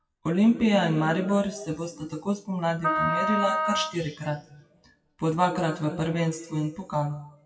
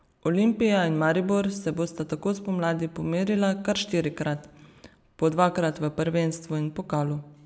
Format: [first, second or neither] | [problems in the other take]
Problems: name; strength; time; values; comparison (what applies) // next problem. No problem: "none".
second | noise reduction (classical method WPE with log-MMSE)